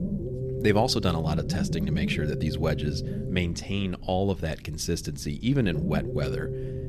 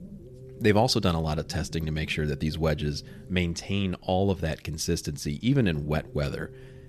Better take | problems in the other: second | low rumble; loud; throughout; 7 dB below the speech; faint in the second

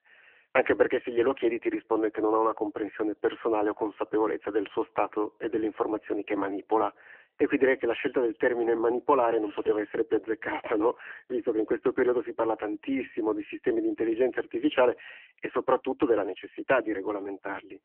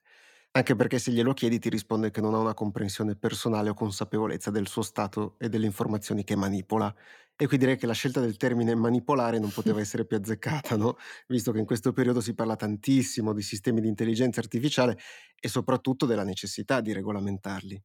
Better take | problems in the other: second | phone-call audio

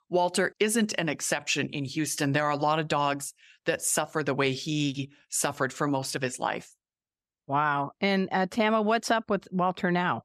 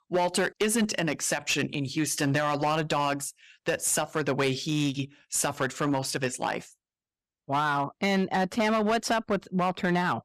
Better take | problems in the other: first | distortion; slight; 8% of the sound clipped

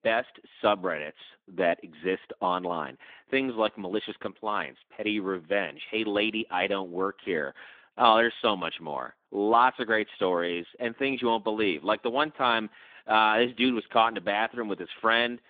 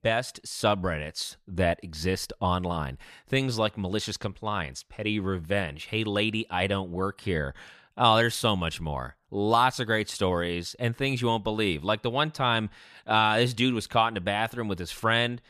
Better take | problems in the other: second | phone-call audio; nothing above 3.5 kHz

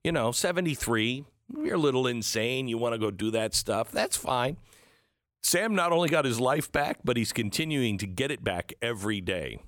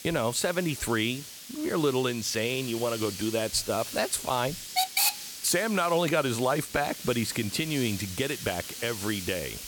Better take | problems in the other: first | hiss; loud; throughout; 6 dB below the speech

